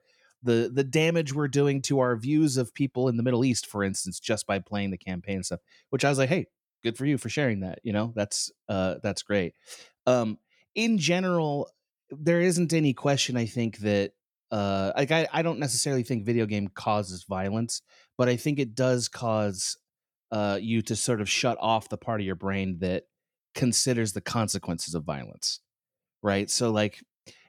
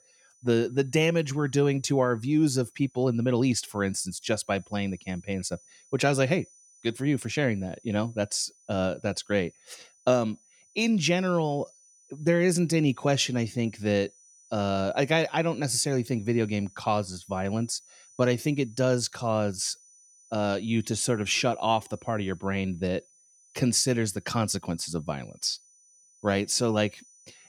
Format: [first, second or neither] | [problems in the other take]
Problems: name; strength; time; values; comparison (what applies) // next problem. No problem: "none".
first | high-pitched whine; faint; throughout; 6 kHz, 30 dB below the speech